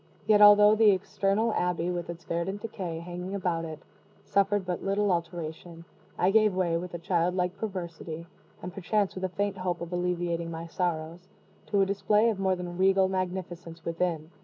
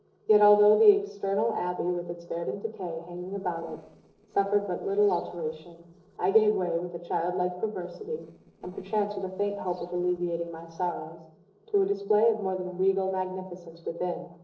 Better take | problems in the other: first | noise reduction (neural separator model SepFormer DNS4)

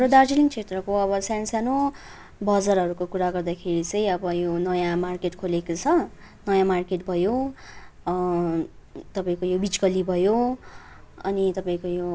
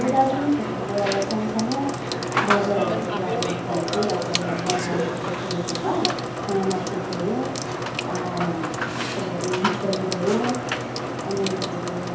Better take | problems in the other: first | background sound (Sink (filling or washing) / Water tap, faucet / Water); as loud as the speech // room echo; dies away in 0.6 s

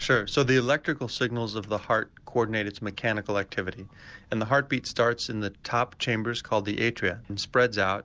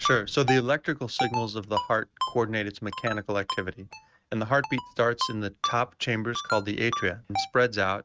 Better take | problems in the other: first | noise reduction (neural mask model RNNoise)

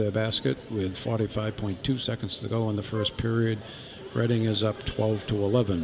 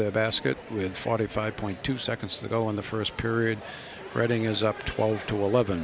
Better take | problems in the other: second | background sound (Wind instrument, woodwind instrument); 14 dB below the speech // room echo; dies away in 1.1 s

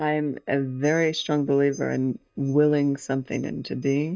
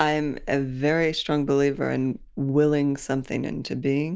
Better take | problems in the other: second | noise reduction (neural mask model DeepFilterNet 3)

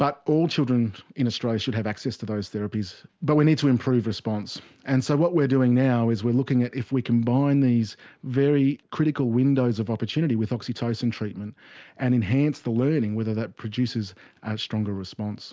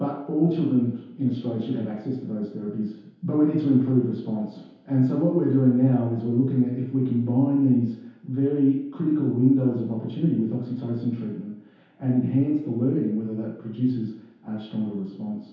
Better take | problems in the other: first | room echo; dies away in 0.8 s

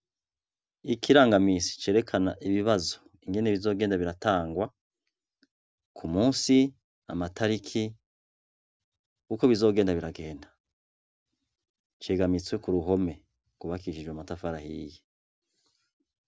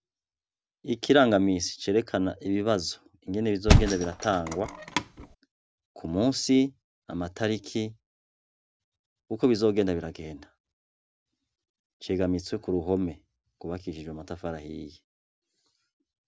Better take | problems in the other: first | background sound (Thump, thud); 4 dB above the speech

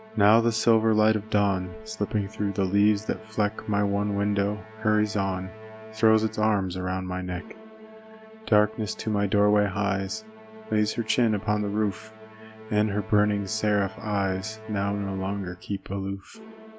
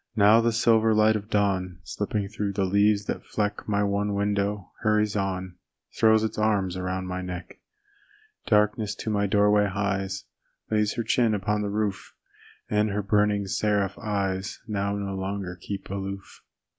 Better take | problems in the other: second | background sound (Musical instrument); 18 dB below the speech

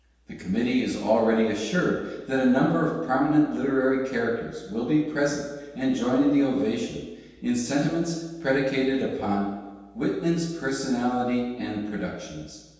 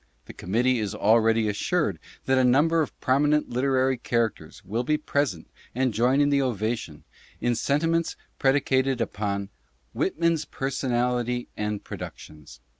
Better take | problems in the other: second | room echo; dies away in 1.2 s

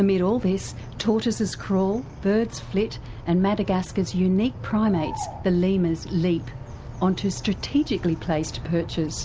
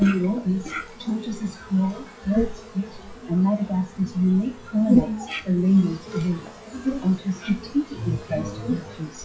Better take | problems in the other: first | noise reduction (classical method WPE with log-MMSE)

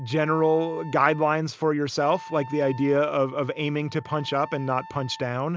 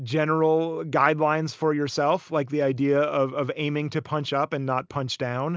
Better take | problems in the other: second | background sound (Wind instrument, woodwind instrument); 18 dB below the speech

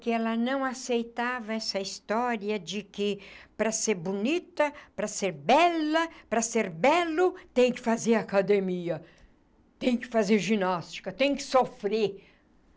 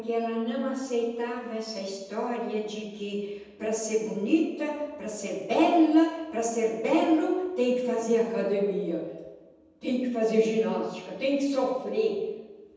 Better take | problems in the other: first | room echo; dies away in 1.1 s

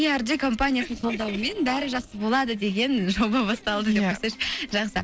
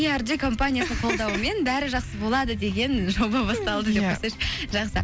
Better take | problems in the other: second | noise reduction (neural separator model SepFormer DNS4)

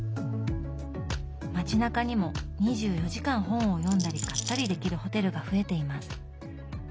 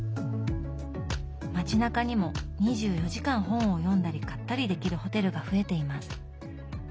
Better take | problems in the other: second | background sound (Rattle); 8 dB below the speech

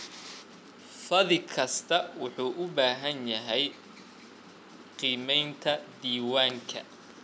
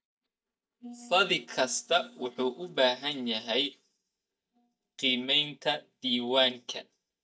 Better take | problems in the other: first | noise reduction (neural mask model DeepFilterNet 3)

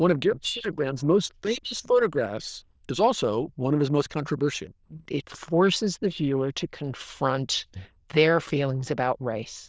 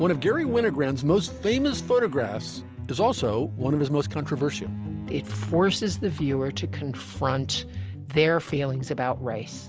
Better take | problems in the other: second | noise reduction (neural diffusion model UNIVERSE++)

